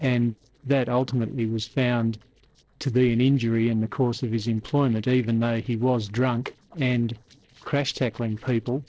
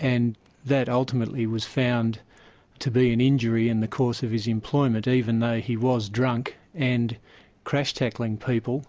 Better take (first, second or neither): second